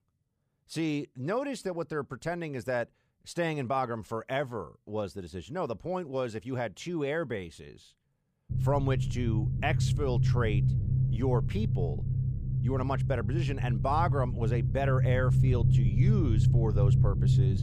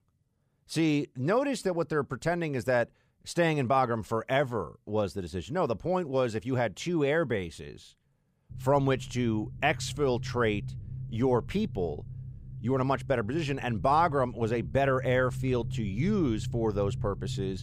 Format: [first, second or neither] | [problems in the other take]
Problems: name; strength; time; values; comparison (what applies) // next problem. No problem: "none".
second | low rumble; loud; from 8.5 s on; 6 dB below the speech; faint in the second